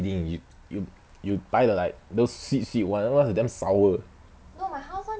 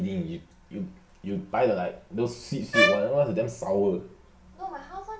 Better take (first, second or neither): first